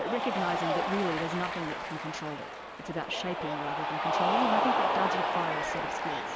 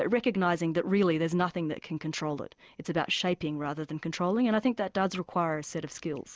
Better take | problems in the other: second | background sound (Cheering); 4 dB above the speech

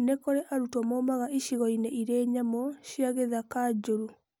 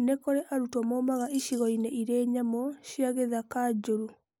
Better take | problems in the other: first | noise reduction (neural mask model Resemble Enhance denoiser)

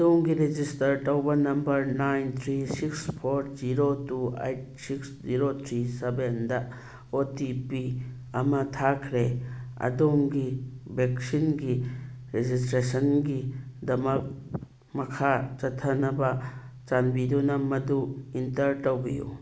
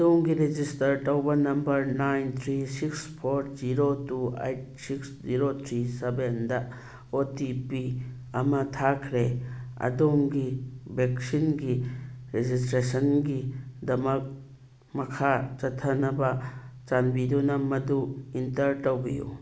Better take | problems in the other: second | background sound (Wind); 10 dB below the speech

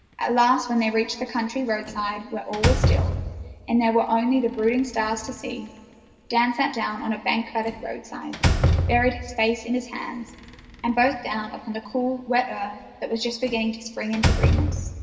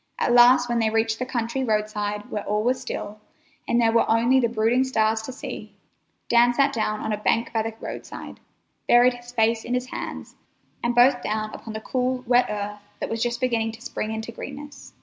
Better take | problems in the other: second | background sound (Slam); 3 dB below the speech // room echo; dies away in 1.8 s

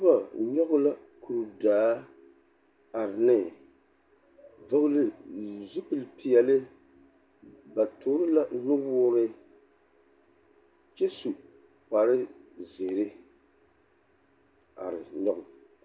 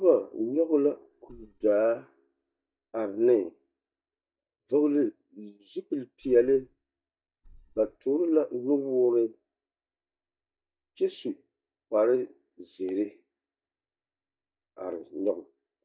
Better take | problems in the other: first | noise reduction (neural mask model DeepFilterNet 3)

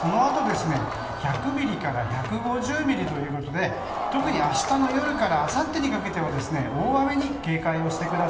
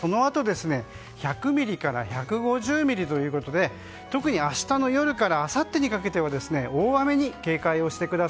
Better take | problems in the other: second | background sound (Crowd); 6 dB below the speech // room echo; dies away in 1.6 s

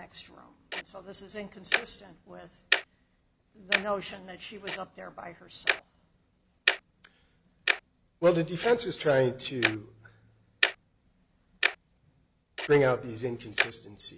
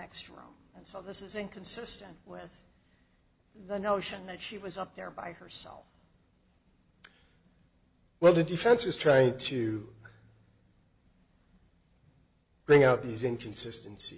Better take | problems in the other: second | background sound (Tick-tock); 2 dB below the speech

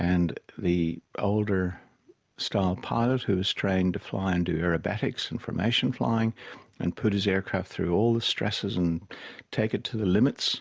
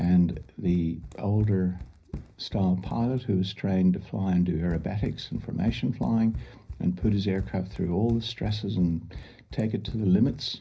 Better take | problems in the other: first | background sound (Run); 15 dB below the speech // room echo; dies away in 0.5 s

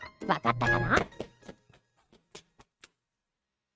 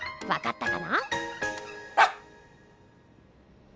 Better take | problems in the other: second | noise reduction (neural mask model RNNoise)

